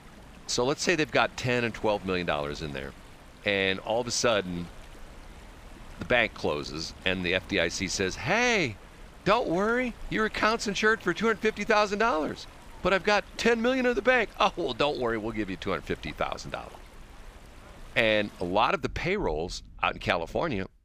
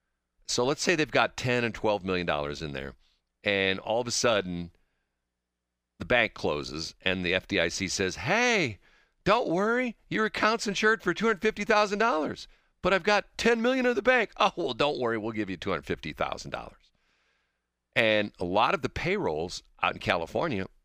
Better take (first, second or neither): second